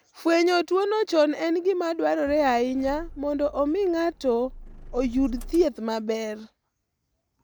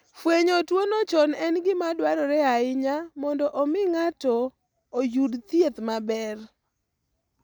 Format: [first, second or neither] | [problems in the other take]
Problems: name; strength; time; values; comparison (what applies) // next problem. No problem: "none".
second | background sound (Motor vehicle (road)); 15 dB below the speech